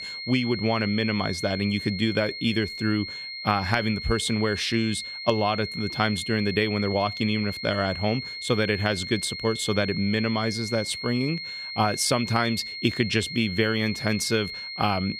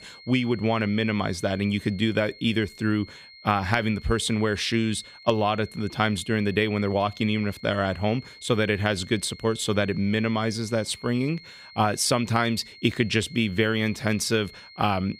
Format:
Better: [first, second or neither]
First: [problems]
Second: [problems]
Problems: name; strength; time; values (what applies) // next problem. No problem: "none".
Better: second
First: high-pitched whine; loud; throughout; 4 kHz, 7 dB below the speech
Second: high-pitched whine; faint; throughout; 4 kHz, 20 dB below the speech